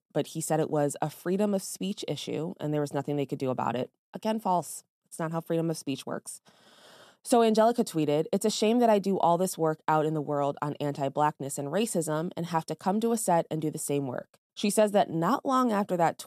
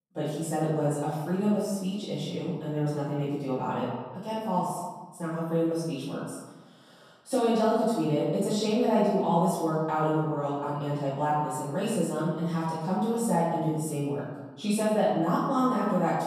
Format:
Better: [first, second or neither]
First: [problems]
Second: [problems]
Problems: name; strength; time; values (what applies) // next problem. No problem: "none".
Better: first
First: none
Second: off-mic speech; far // room echo; strong; dies away in 1.2 s